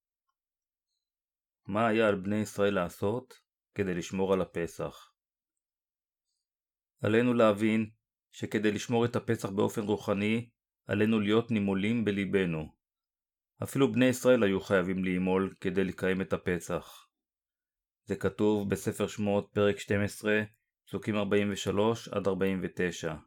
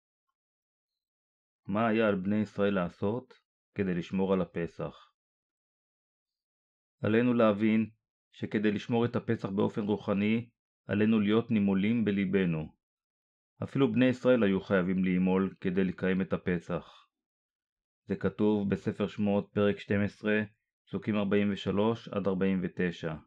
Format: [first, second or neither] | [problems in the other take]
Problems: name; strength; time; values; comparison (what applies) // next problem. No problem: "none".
first | muffled; slightly; fading above 4 kHz